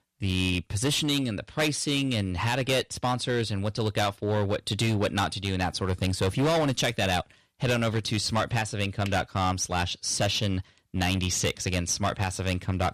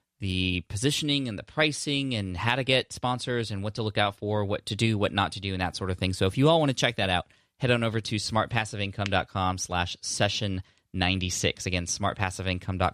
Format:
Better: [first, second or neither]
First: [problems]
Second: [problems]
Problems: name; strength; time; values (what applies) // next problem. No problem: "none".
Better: second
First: distortion; heavy; 10% of the sound clipped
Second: none